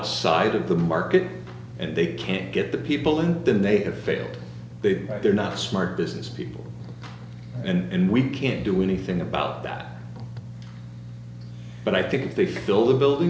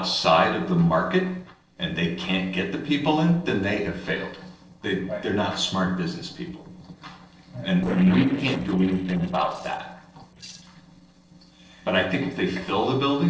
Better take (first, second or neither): first